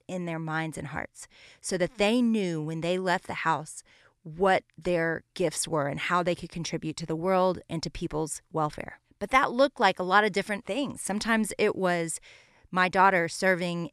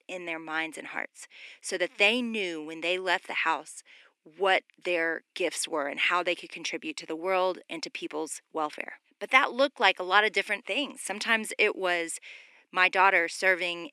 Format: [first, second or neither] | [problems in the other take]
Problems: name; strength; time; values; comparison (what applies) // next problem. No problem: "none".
first | thin; somewhat; fading below 250 Hz